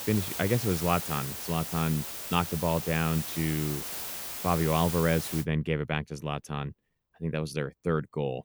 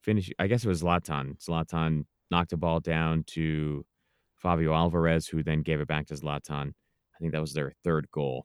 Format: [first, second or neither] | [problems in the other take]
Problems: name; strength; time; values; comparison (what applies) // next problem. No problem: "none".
second | hiss; loud; until 5.5 s; 5 dB below the speech